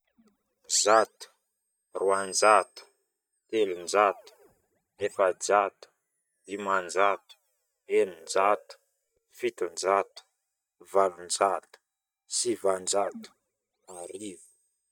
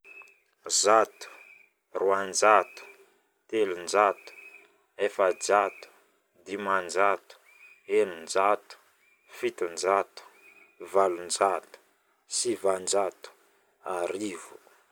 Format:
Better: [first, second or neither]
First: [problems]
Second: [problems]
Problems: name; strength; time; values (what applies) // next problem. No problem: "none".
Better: second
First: noise reduction (neural mask model DeepFilterNet 3)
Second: none